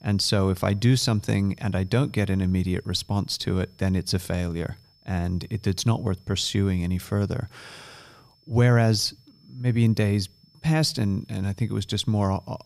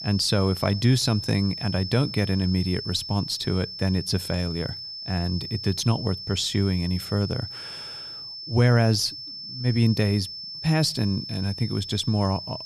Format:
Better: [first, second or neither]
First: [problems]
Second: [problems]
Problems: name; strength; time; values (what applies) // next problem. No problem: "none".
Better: first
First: high-pitched whine; faint; throughout; 5.5 kHz, 35 dB below the speech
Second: high-pitched whine; loud; throughout; 5.5 kHz, 9 dB below the speech